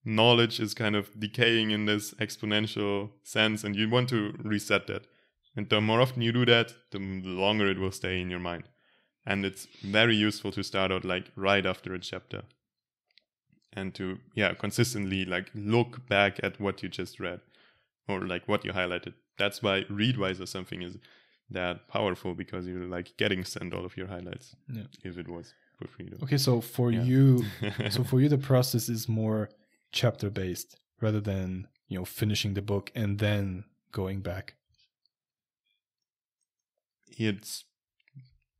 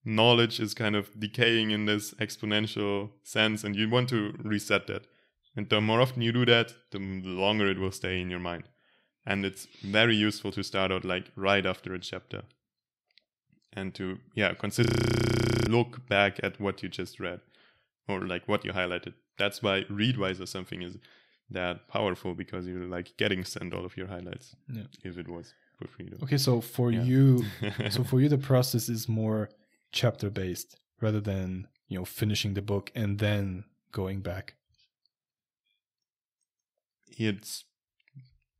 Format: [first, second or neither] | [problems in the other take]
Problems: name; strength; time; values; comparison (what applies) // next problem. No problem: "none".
first | audio freezing; at 15 s for 1 s